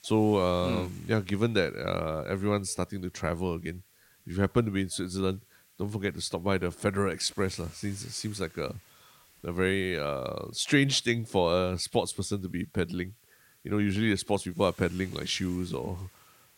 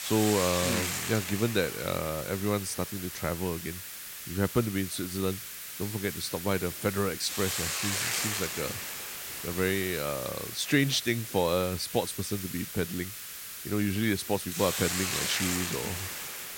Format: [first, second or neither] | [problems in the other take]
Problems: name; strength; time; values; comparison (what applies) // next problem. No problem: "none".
first | hiss; loud; throughout; 3 dB below the speech; faint in the first